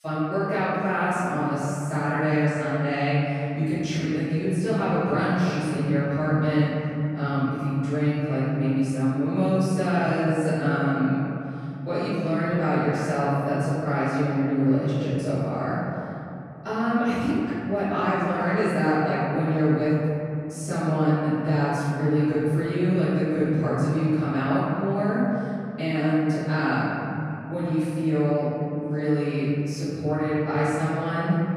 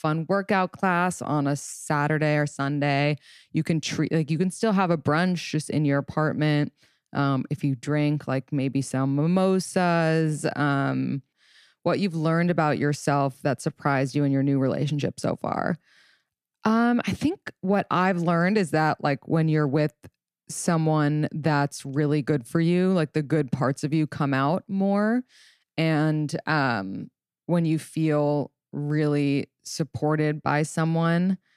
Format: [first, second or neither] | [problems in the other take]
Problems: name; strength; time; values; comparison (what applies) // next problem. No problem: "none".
second | room echo; strong; dies away in 3 s // off-mic speech; far